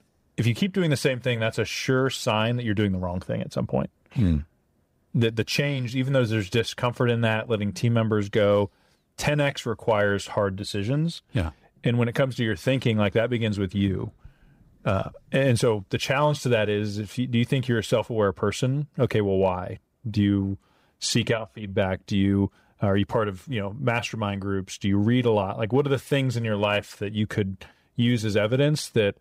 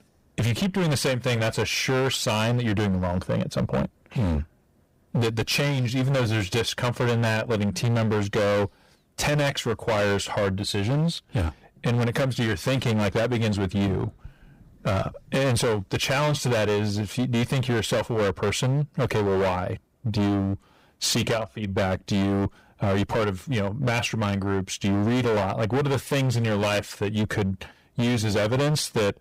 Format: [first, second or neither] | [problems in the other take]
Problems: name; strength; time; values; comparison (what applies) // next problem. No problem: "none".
first | distortion; heavy; 24% of the sound clipped